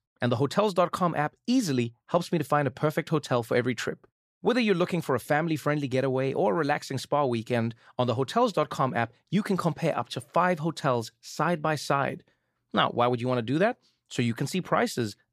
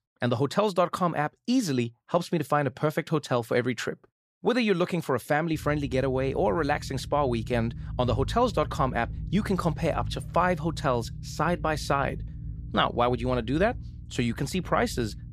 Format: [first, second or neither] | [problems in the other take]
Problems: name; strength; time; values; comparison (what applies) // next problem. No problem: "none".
first | low rumble; faint; from 5.5 s on; 25 dB below the speech